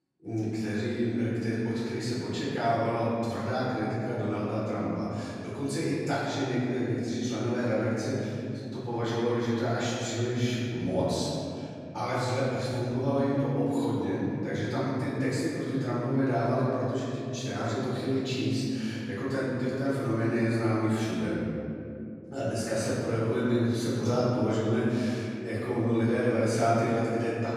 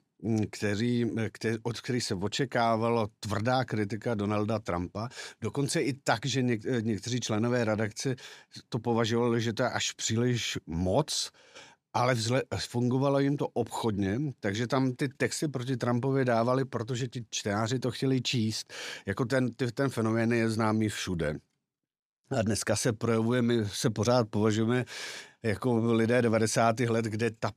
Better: second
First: off-mic speech; far // room echo; strong; dies away in 2.8 s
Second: none

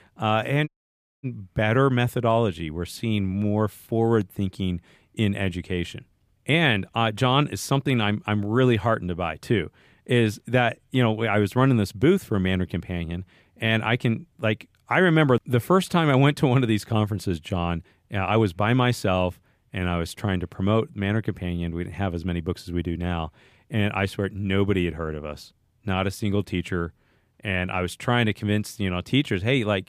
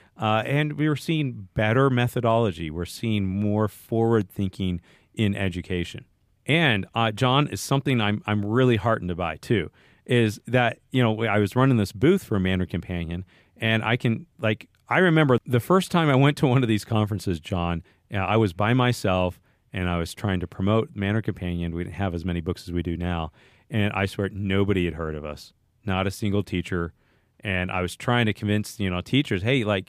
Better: second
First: audio cutting out; at 0.5 s for 0.5 s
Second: none

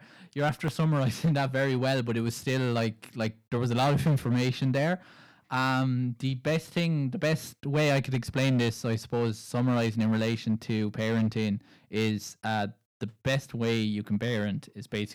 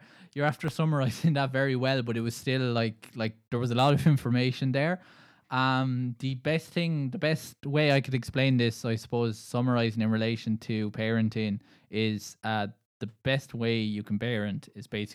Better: second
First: distortion; slight; 6% of the sound clipped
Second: none

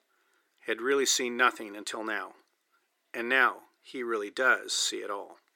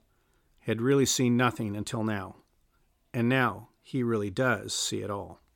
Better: second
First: thin; very; fading below 350 Hz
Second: none

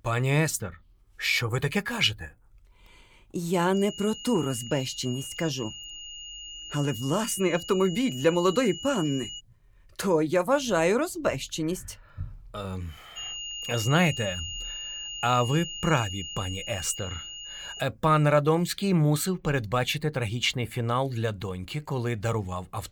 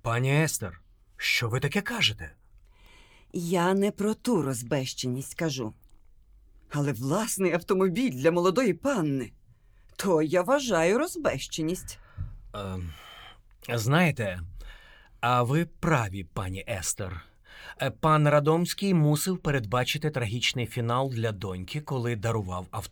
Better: second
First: high-pitched whine; loud; from 3.5 to 9.5 s and from 13 to 18 s; 3 kHz, 10 dB below the speech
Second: none

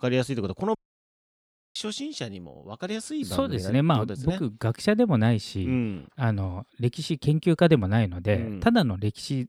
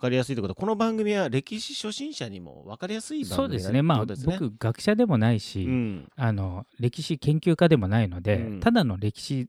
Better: second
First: audio cutting out; at 1 s for 1 s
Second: none

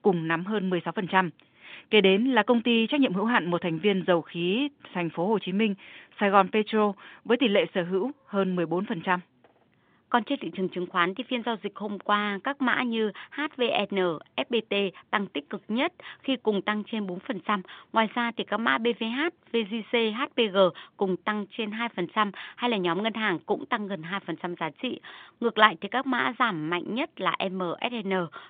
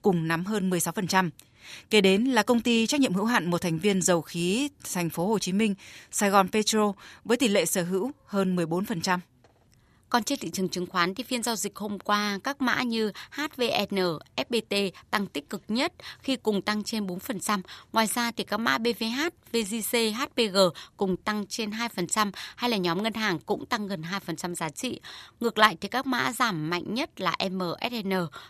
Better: second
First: phone-call audio; nothing above 3.5 kHz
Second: none

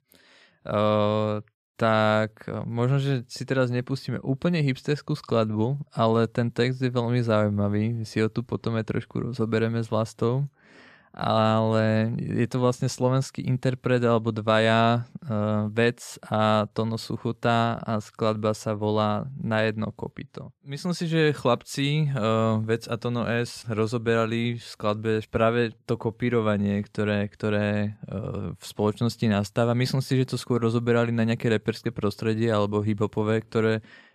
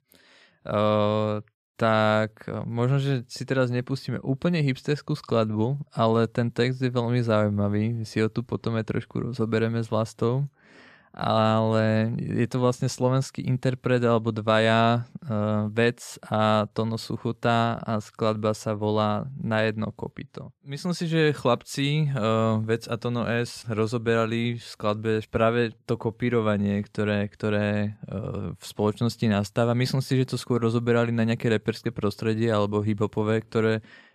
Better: neither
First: none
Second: none

